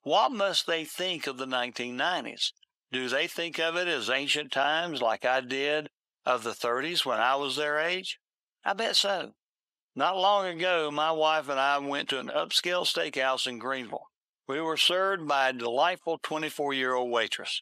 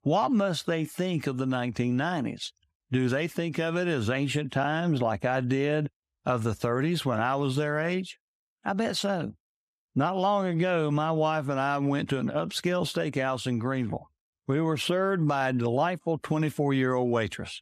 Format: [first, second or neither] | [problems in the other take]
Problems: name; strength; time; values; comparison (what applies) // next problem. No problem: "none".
second | thin; somewhat; fading below 550 Hz